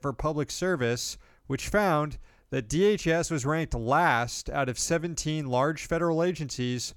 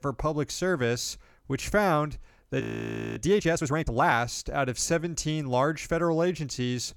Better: first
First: none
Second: audio freezing; at 2.5 s for 0.5 s

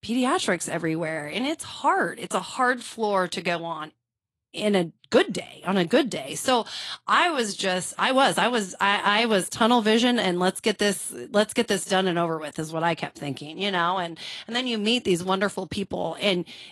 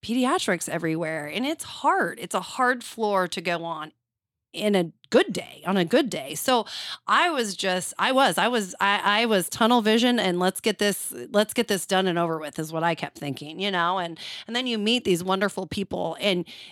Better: second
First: garbled, watery; slightly; nothing above 11.5 kHz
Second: none

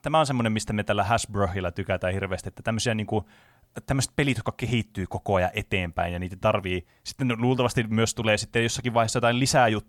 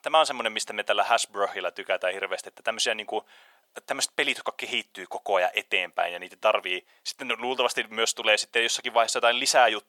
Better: first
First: none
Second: thin; very; fading below 450 Hz

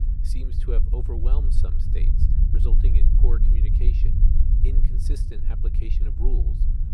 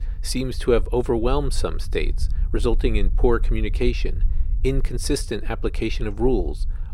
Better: second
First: low rumble; loud; throughout; as loud as the speech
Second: low rumble; faint; throughout; 25 dB below the speech

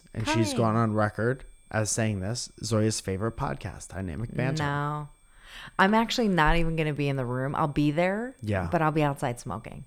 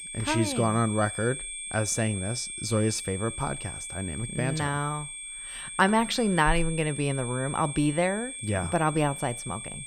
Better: first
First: high-pitched whine; faint; throughout; 8.5 kHz, 35 dB below the speech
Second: high-pitched whine; loud; throughout; 8.5 kHz, 7 dB below the speech

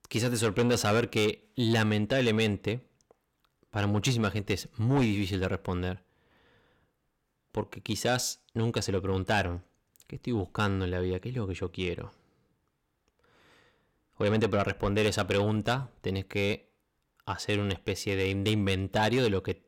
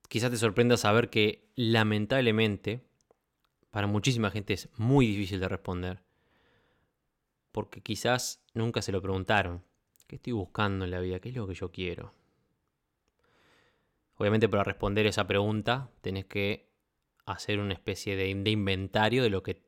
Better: second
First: distortion; slight; 10 dB below the speech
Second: none

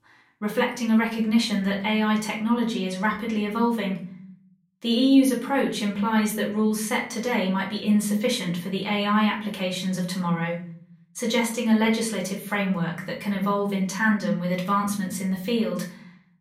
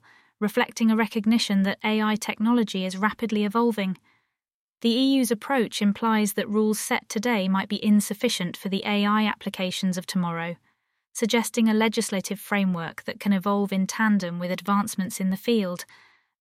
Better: second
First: off-mic speech; far // room echo; slight; dies away in 0.5 s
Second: none

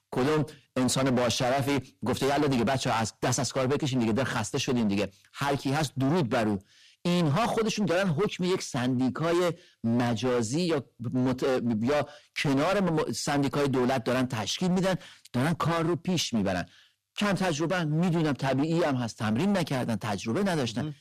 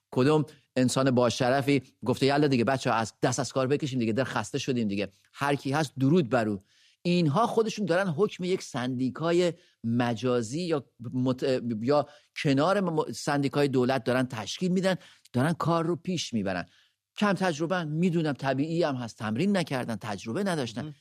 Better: second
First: distortion; heavy; 22% of the sound clipped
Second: none

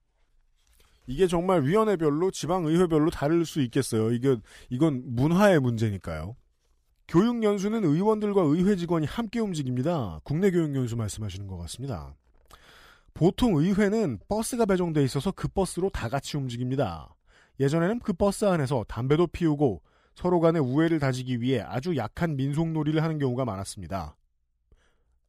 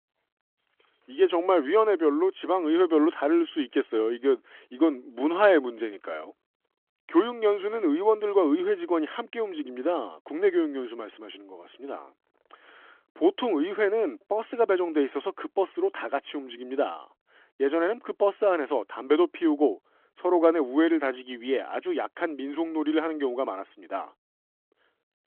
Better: first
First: none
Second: phone-call audio

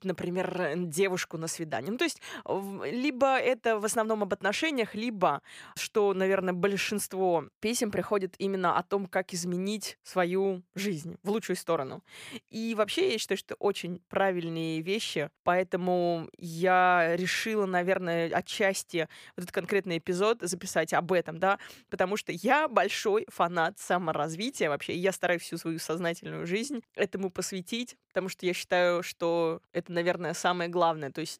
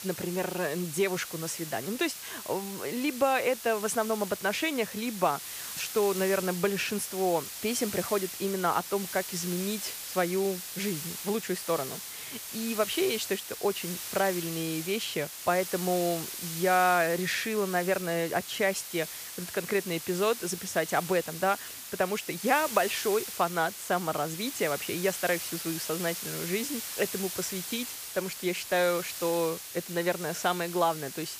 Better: first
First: none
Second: hiss; loud; throughout; 7 dB below the speech

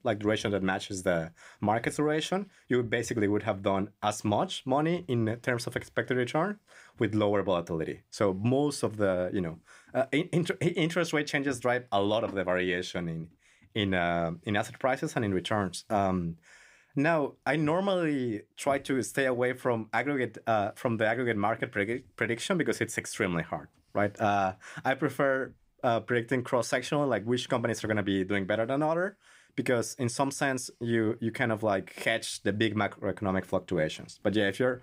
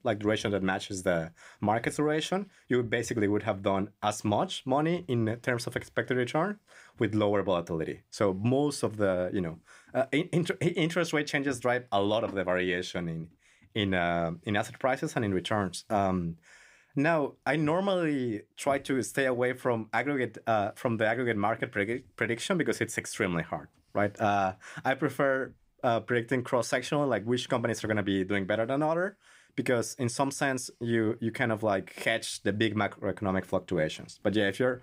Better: neither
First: none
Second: none

